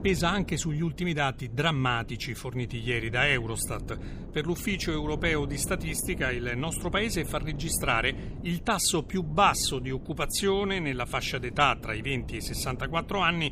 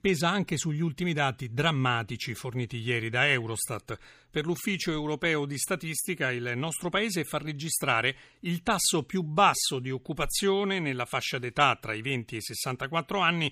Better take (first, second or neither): second